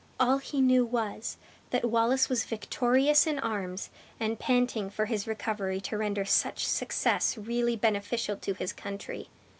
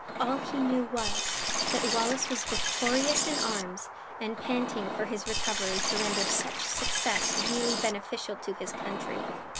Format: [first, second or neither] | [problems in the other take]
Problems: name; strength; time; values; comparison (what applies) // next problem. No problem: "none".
first | background sound (Liquid); as loud as the speech